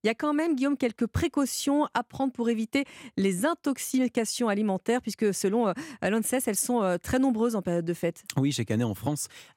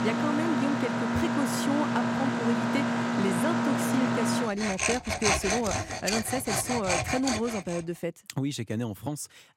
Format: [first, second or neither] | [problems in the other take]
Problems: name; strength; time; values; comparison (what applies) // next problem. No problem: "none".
first | machinery noise; very loud; until 7.5 s; 3 dB above the speech